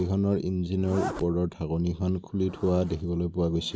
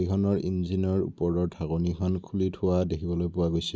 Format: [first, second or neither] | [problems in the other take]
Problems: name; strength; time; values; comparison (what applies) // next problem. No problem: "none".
second | background sound (Zipper (clothing)); 15 dB below the speech